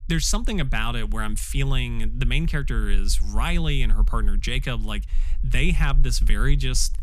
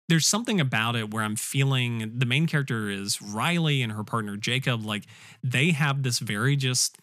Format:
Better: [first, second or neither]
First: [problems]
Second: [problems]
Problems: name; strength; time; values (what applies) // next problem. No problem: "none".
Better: second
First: low rumble; faint; throughout; 25 dB below the speech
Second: none